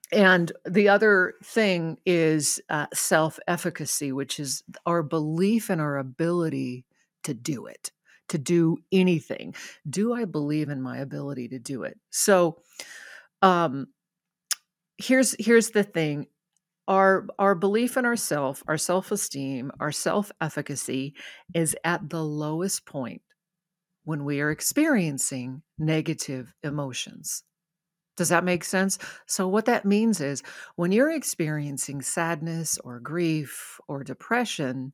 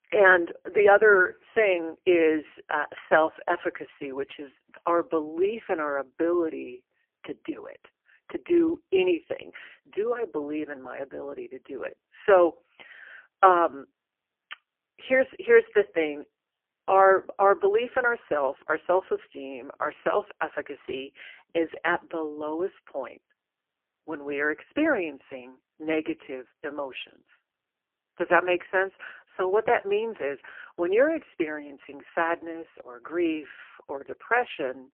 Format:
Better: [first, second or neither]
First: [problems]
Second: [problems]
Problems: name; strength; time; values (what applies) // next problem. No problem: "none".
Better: first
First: none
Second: phone-call audio; poor line; nothing above 3 kHz